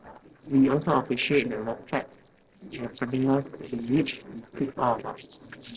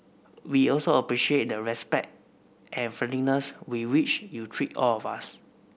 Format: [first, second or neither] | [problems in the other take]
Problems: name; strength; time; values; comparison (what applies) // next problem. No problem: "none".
second | noise reduction (neural separator model SepFormer DNS4)